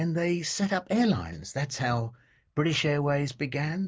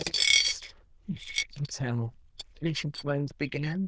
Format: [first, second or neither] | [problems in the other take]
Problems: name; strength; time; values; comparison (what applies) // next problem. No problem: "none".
first | noise reduction (neural diffusion model UNIVERSE++)